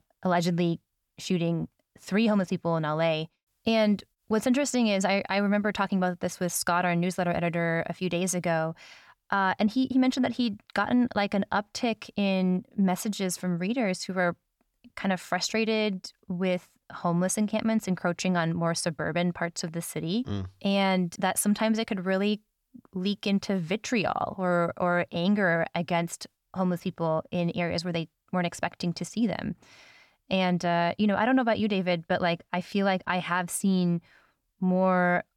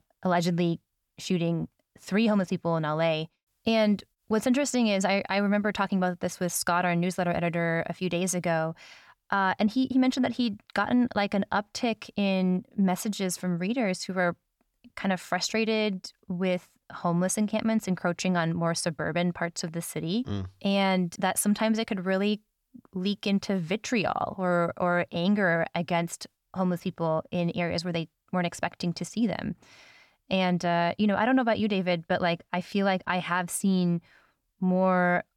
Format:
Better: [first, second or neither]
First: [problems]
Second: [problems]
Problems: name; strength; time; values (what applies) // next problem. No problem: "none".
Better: neither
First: none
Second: none